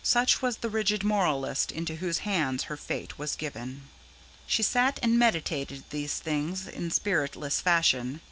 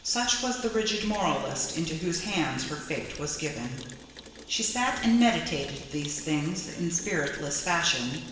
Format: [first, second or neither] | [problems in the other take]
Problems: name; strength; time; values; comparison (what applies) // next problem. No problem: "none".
first | background sound (Rain); 19 dB below the speech // room echo; dies away in 1 s